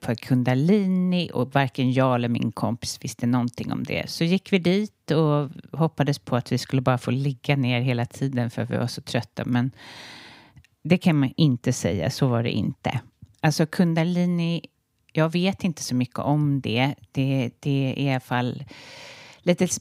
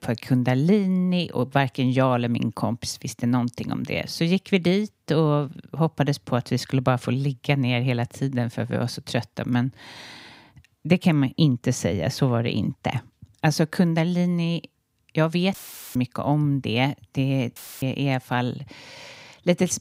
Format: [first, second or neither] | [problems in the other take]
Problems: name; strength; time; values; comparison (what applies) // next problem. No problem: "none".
first | audio cutting out; filled with static; at 16 s and at 18 s